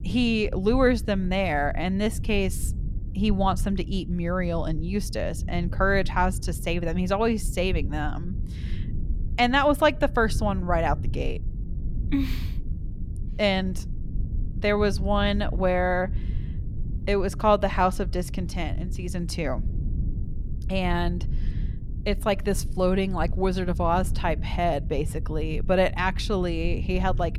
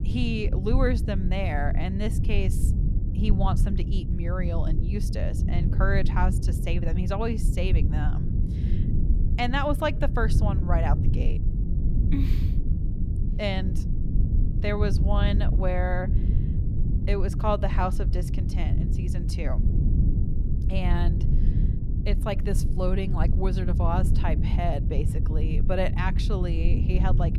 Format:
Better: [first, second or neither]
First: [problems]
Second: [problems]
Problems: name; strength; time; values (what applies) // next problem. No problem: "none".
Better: first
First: low rumble; faint; throughout; 20 dB below the speech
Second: low rumble; loud; throughout; 8 dB below the speech